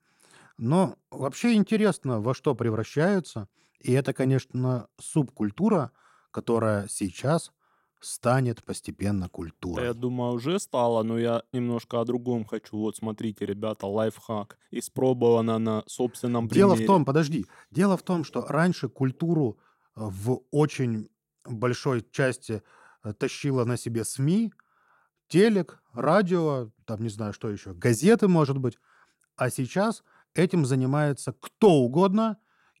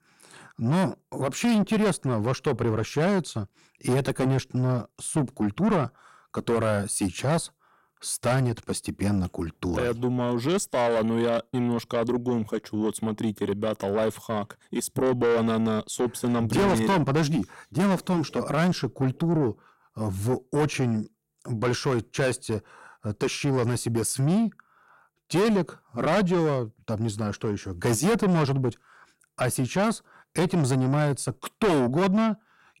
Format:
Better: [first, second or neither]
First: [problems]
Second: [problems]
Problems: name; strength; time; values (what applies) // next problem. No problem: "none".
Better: first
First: none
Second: distortion; heavy; 7 dB below the speech